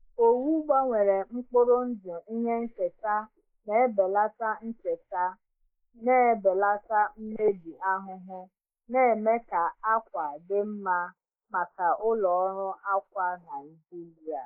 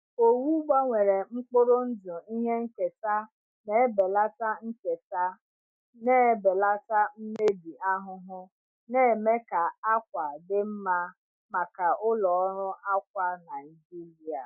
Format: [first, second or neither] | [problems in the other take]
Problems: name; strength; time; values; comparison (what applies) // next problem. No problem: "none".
second | noise reduction (neural mask model Resemble Enhance denoiser)